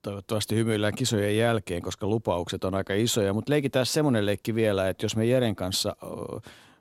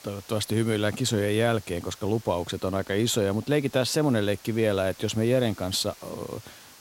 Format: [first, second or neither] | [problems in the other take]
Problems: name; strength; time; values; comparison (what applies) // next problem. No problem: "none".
first | hiss; faint; throughout; 20 dB below the speech